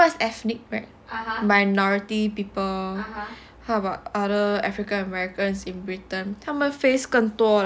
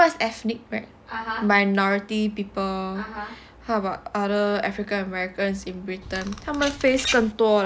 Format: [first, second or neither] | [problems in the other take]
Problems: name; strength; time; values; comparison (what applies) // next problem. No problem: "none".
first | background sound (Bird vocalization, bird call, bird song); 8 dB below the speech